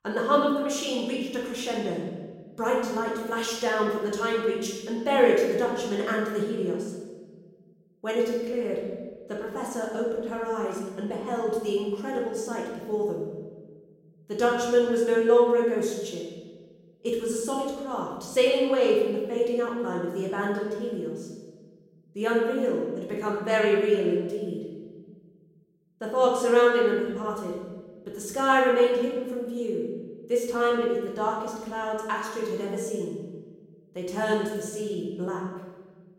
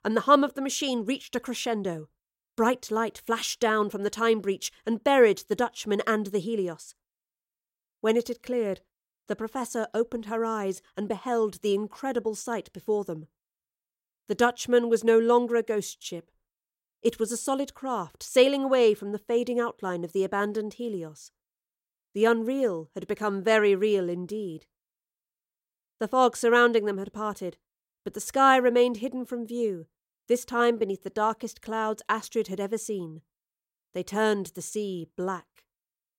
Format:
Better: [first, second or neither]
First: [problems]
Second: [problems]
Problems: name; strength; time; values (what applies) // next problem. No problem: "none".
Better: second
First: room echo; noticeable; dies away in 1.3 s // off-mic speech; far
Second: none